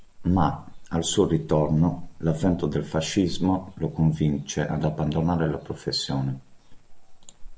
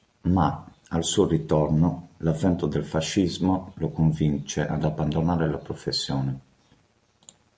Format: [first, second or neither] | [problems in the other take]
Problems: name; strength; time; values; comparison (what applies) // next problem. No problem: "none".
second | background sound (Cricket / Frog); 15 dB below the speech